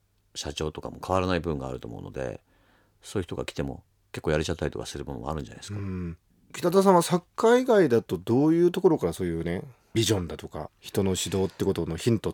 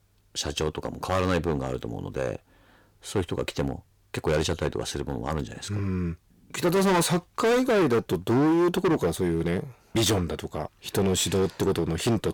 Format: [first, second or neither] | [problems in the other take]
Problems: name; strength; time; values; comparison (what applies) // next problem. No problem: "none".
first | distortion; heavy; 11% of the sound clipped